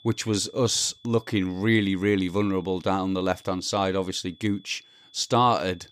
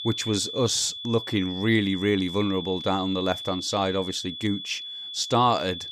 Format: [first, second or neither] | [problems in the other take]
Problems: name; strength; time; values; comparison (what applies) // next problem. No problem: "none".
first | high-pitched whine; loud; throughout; 3.5 kHz, 8 dB below the speech; faint in the first